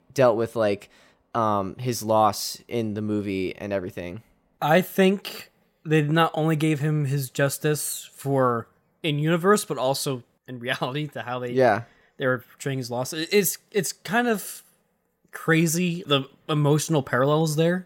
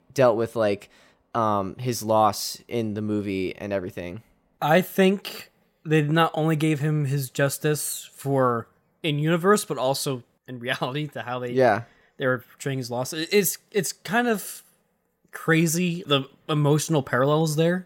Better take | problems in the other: neither | none

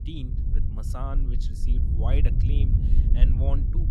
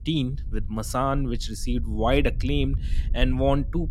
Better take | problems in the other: second | low rumble; loud; throughout; 2 dB below the speech; faint in the second

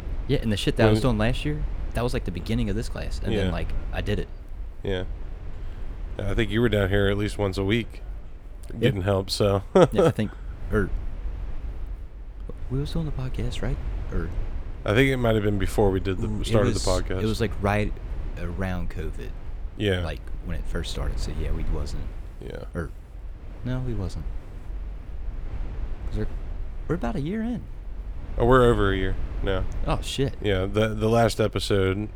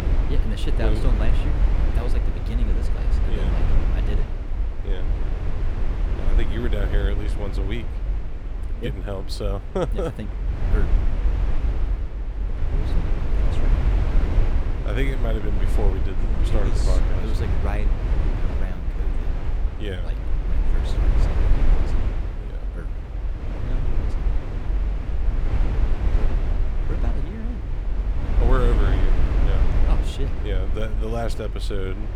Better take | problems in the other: first | low rumble; loud; throughout; 3 dB below the speech; faint in the first

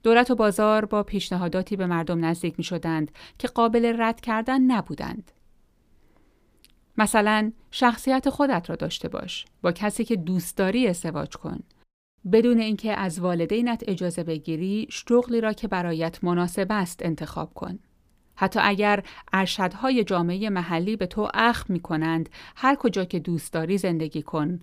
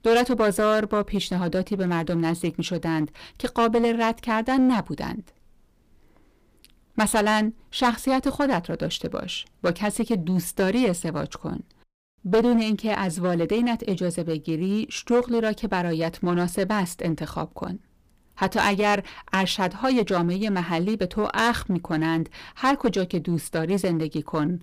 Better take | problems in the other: first | distortion; slight; 6% of the sound clipped

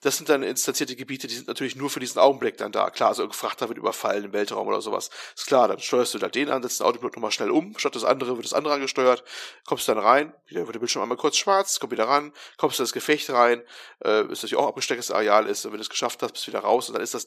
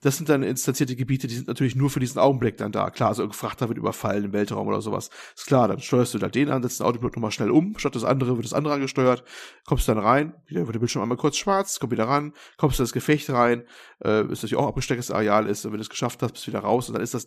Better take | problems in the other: second | thin; somewhat; fading below 500 Hz

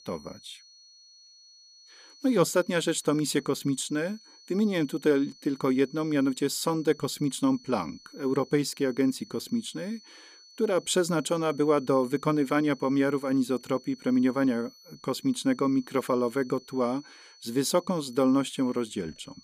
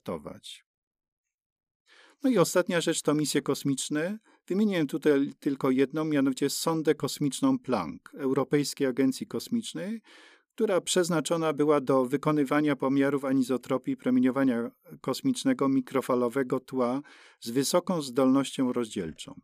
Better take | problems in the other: second | high-pitched whine; faint; throughout; 4.5 kHz, 25 dB below the speech

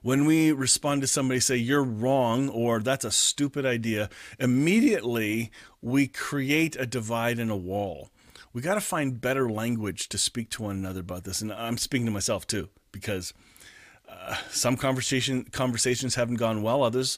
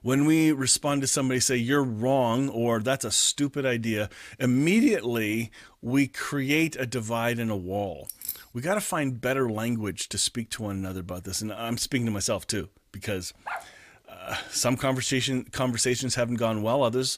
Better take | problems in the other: first | jangling keys; noticeable; at 8 s; peak 8 dB below the speech // dog barking; faint; at 13 s; peak 10 dB below the speech

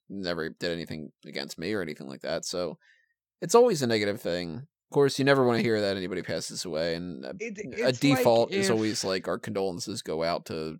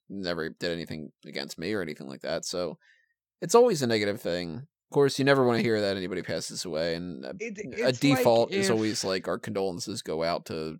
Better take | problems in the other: neither | none

